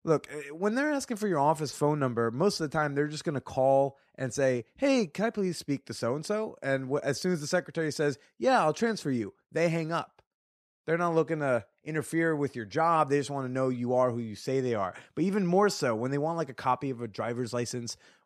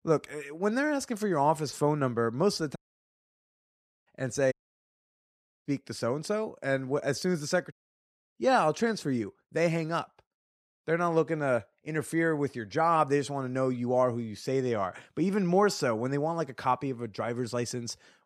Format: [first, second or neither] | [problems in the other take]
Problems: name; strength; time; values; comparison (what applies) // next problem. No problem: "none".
first | audio cutting out; at 3 s for 1.5 s, at 4.5 s for 1 s and at 7.5 s for 0.5 s